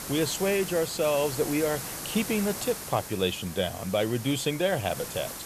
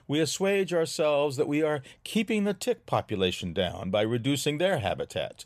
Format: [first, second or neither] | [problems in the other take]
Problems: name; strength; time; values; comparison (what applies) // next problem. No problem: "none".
second | hiss; loud; throughout; 8 dB below the speech